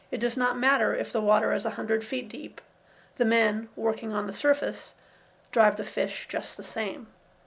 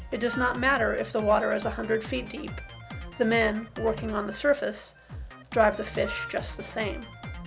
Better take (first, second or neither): first